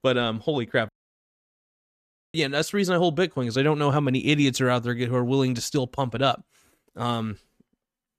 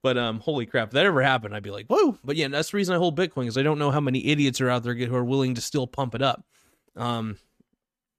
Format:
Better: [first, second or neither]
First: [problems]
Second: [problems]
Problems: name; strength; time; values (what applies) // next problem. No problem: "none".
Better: second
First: audio cutting out; at 1 s for 1.5 s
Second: none